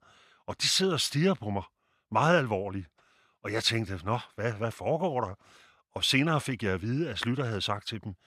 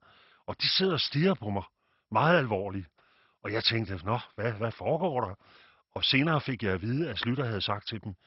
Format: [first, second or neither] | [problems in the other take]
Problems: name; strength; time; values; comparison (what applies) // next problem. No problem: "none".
first | garbled, watery; badly; nothing above 5.5 kHz